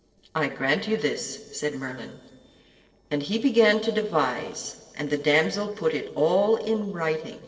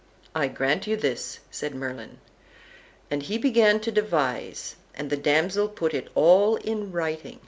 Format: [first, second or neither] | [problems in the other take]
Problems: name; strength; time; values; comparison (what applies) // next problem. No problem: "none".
second | noise reduction (neural separator model SepFormer DNS4)